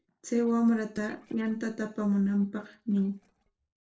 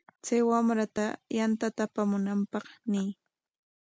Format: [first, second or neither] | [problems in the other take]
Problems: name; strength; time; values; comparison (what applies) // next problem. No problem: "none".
second | noise reduction (neural separator model SepFormer DNS4)